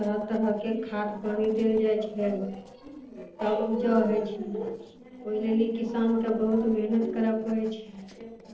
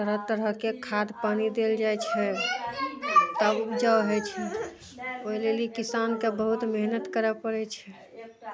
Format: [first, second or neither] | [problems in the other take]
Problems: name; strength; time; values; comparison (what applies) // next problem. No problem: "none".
second | noise reduction (neural separator model SepFormer DNS4)